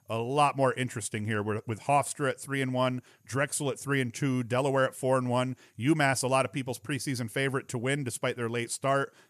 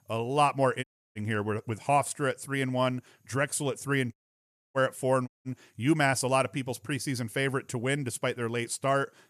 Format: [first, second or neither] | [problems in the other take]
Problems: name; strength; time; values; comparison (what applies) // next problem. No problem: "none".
first | audio cutting out; at 1 s, at 4 s for 0.5 s and at 5.5 s